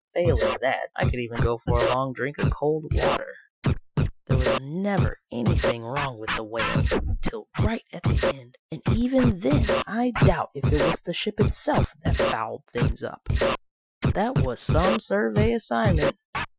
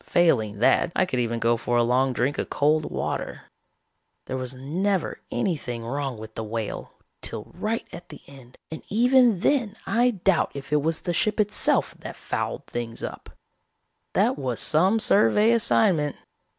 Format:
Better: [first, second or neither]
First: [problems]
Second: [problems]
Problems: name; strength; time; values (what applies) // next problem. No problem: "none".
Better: second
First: noise reduction (classical method Wiener filter)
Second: none